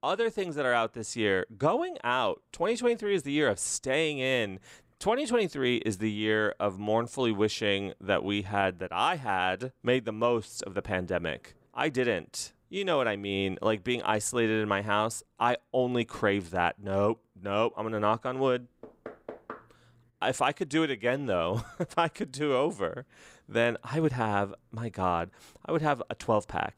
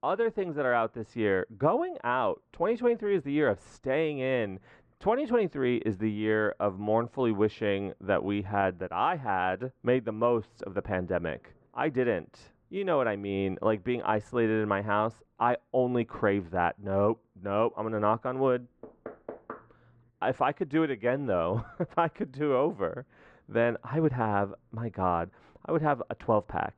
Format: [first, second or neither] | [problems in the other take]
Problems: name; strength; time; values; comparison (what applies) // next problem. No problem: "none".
first | muffled; very; fading above 1.5 kHz